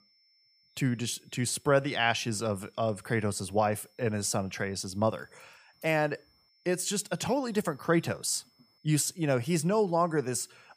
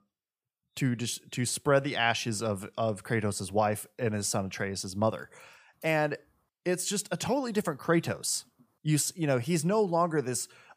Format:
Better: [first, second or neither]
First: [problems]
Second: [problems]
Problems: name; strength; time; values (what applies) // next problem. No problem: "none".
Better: second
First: high-pitched whine; faint; throughout; 5.5 kHz, 35 dB below the speech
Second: none